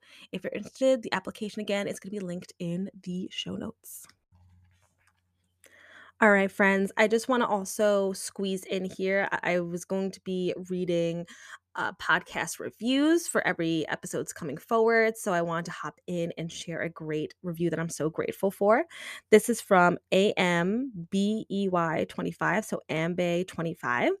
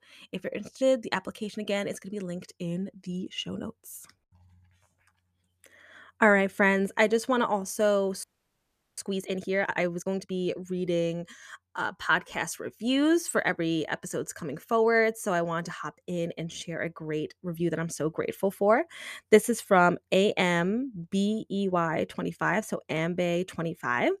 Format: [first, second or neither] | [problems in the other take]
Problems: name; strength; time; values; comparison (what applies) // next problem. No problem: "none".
first | audio freezing; at 8 s for 0.5 s